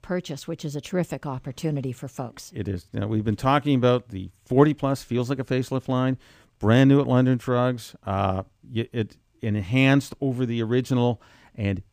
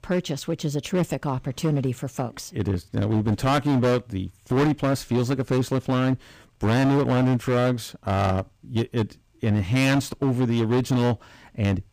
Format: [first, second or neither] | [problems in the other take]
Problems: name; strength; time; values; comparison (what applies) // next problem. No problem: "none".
first | distortion; heavy; 15% of the sound clipped